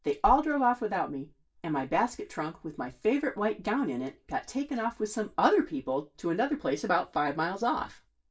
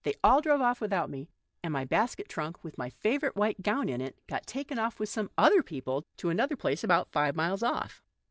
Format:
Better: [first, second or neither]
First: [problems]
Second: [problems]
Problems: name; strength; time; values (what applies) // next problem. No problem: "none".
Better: second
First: room echo; dies away in 0.2 s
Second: none